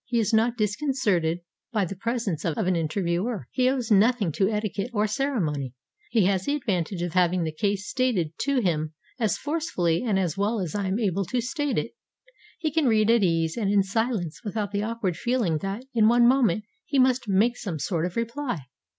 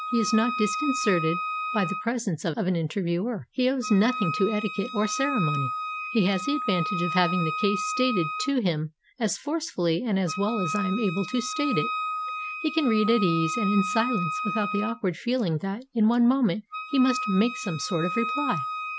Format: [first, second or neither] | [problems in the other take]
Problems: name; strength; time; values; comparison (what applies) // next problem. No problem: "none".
first | background sound (Wind instrument, woodwind instrument); 6 dB below the speech